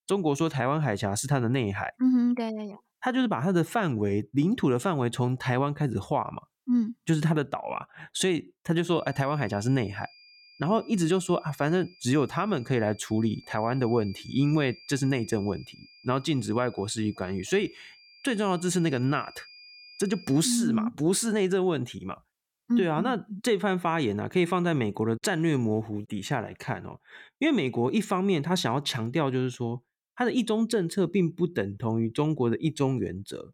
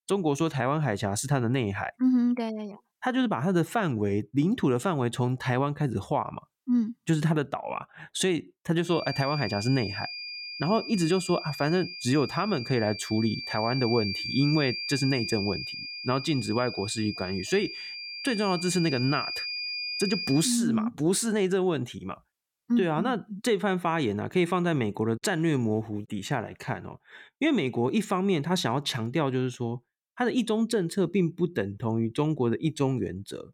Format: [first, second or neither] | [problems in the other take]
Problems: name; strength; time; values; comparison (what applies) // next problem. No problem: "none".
first | high-pitched whine; loud; from 9 to 20 s; 5 kHz, 6 dB below the speech; faint in the first